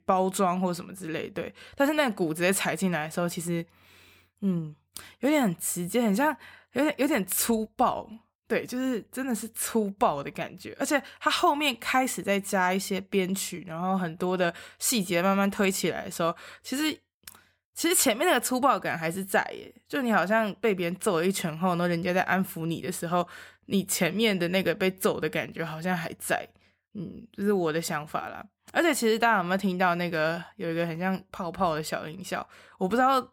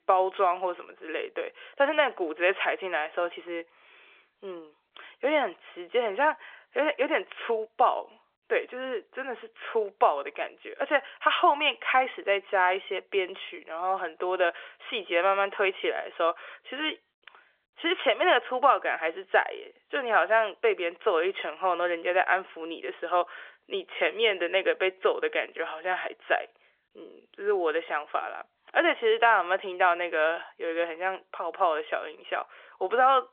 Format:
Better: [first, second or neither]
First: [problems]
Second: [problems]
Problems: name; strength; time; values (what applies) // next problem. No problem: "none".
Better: first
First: none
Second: phone-call audio; nothing above 3.5 kHz